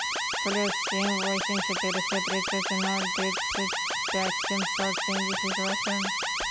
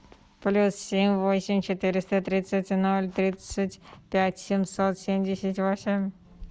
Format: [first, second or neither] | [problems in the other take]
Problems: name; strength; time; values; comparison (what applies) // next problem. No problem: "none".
second | background sound (Alarm); 3 dB above the speech